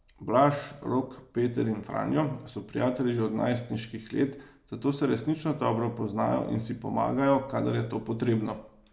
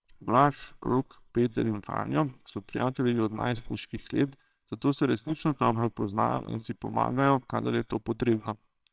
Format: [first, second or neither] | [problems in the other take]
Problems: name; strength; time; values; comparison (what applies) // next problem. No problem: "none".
first | noise reduction (neural separator model SepFormer WHAMR!)